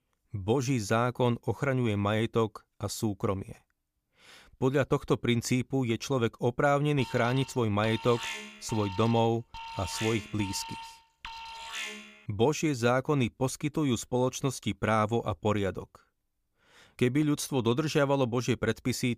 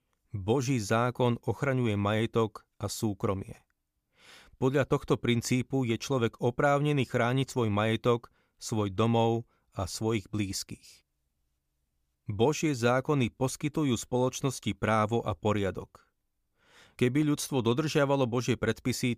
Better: second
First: alarm; noticeable; from 7 to 12 s; peak 7 dB below the speech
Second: none

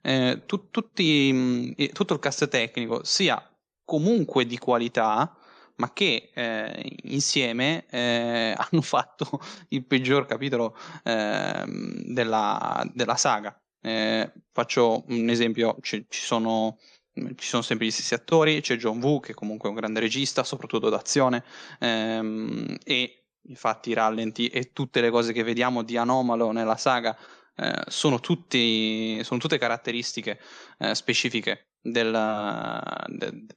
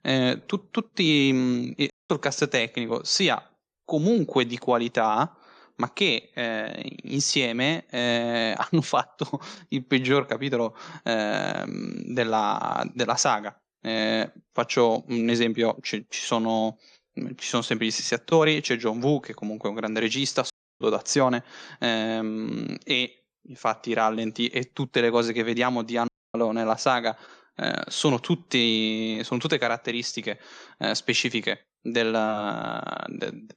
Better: first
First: none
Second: audio cutting out; at 2 s, at 21 s and at 26 s

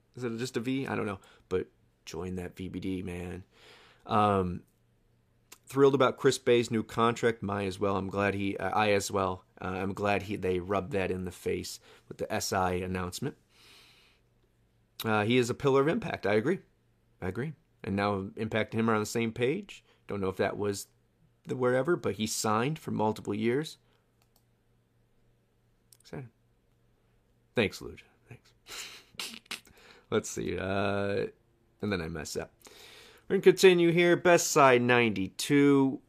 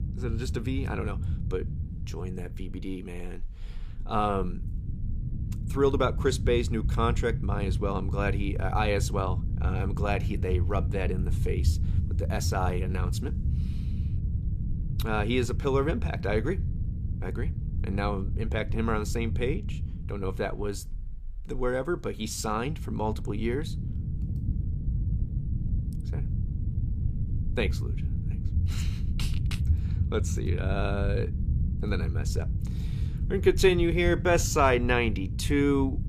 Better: first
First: none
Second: low rumble; noticeable; throughout; 15 dB below the speech

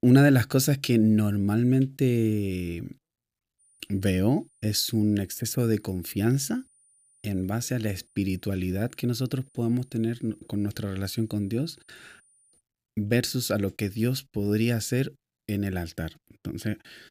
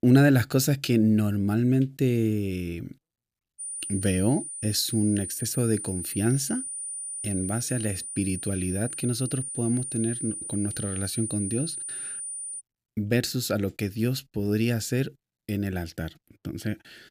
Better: first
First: high-pitched whine; faint; from 3.5 to 13 s; 9.5 kHz, 35 dB below the speech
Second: high-pitched whine; loud; from 3.5 to 13 s; 9.5 kHz, 6 dB below the speech

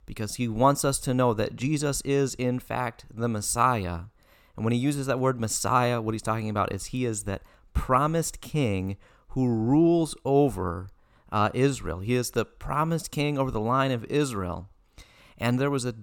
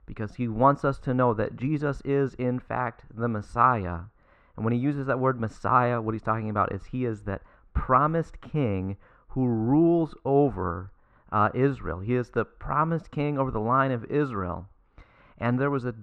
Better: first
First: none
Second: muffled; very; fading above 1.5 kHz

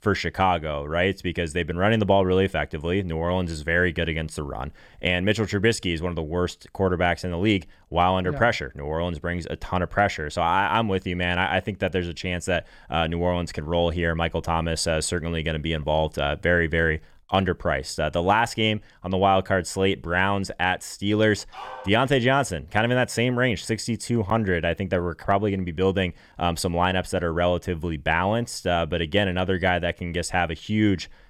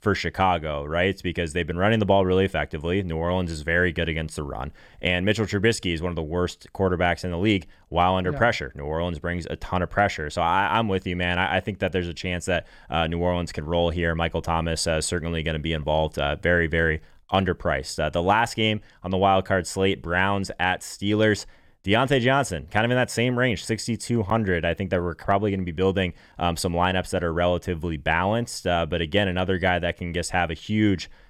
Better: second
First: dog barking; faint; at 22 s; peak 15 dB below the speech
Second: none

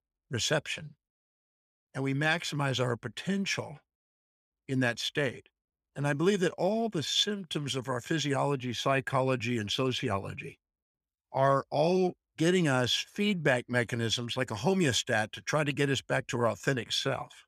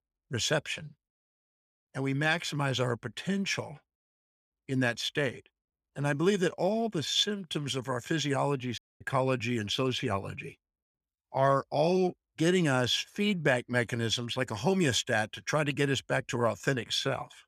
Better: first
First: none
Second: audio cutting out; at 9 s

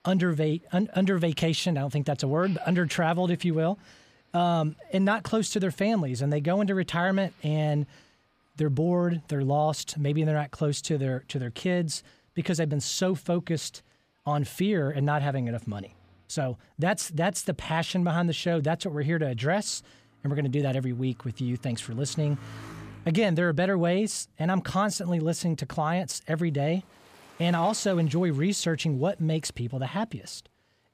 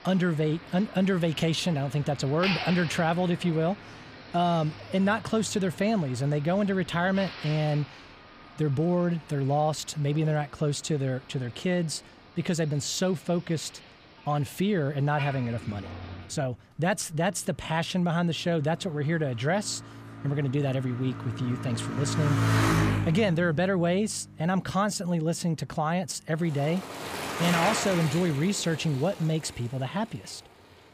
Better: first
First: traffic noise; faint; throughout; 25 dB below the speech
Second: traffic noise; loud; throughout; 6 dB below the speech

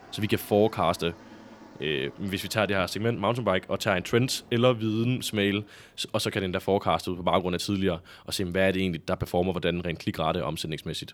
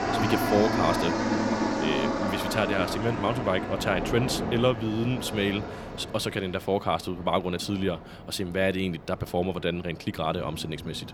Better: first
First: train or aircraft noise; faint; throughout; 25 dB below the speech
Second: train or aircraft noise; loud; throughout; 1 dB below the speech

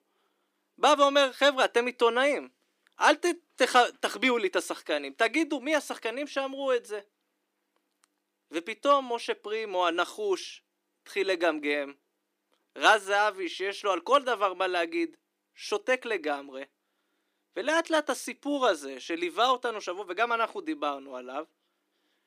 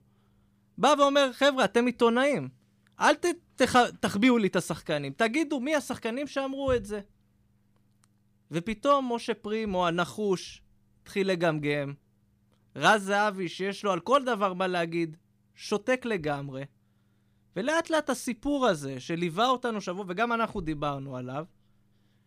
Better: second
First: thin; somewhat; fading below 300 Hz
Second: none

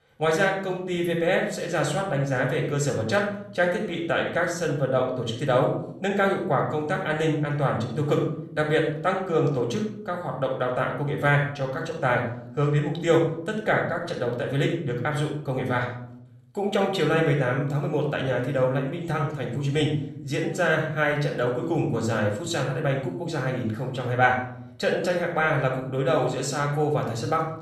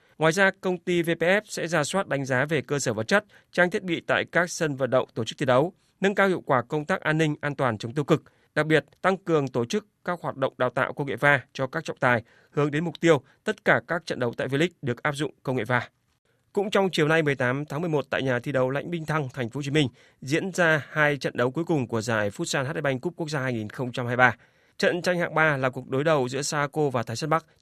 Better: second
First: off-mic speech; somewhat distant // room echo; noticeable; dies away in 0.6 s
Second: none

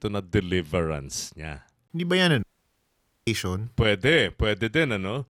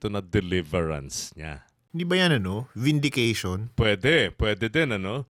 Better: second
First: audio cutting out; at 2.5 s for 1 s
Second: none

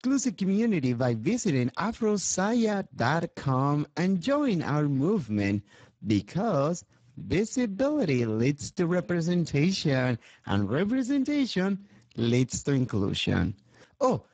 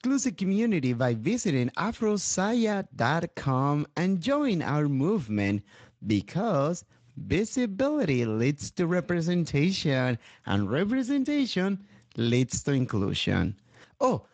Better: second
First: garbled, watery; badly; nothing above 7.5 kHz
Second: garbled, watery; slightly; nothing above 7.5 kHz

